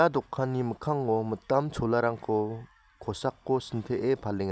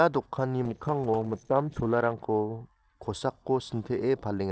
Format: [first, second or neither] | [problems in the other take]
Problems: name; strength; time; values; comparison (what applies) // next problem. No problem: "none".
first | noise reduction (neural separator model SepFormer DNS4)